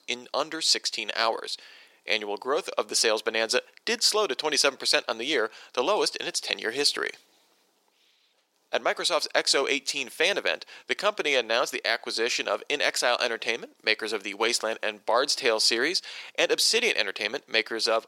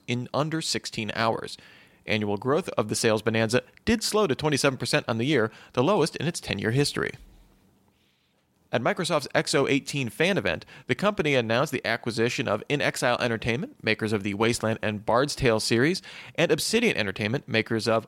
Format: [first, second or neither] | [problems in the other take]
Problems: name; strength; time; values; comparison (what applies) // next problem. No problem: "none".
second | thin; somewhat; fading below 400 Hz